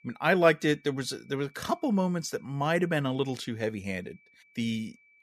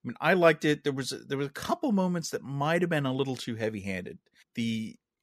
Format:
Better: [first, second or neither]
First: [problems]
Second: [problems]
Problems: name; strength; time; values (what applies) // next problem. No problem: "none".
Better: second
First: high-pitched whine; faint; throughout; 2.5 kHz, 30 dB below the speech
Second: none